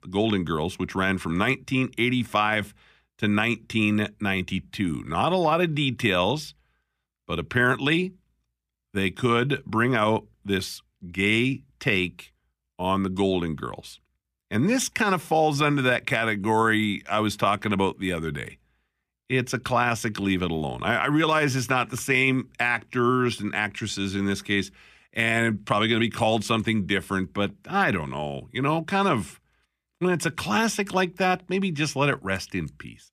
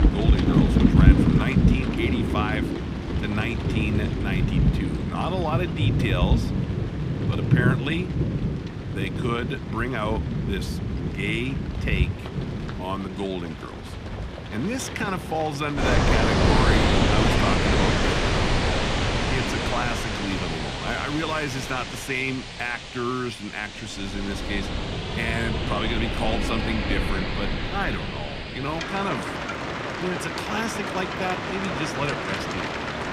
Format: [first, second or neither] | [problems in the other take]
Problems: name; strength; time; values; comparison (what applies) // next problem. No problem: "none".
first | rain or running water; very loud; throughout; 5 dB above the speech